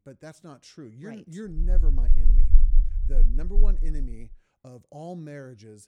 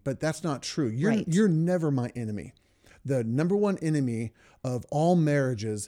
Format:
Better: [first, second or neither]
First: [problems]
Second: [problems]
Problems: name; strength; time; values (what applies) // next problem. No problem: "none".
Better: second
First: low rumble; loud; from 1.5 to 4 s; 8 dB below the speech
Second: none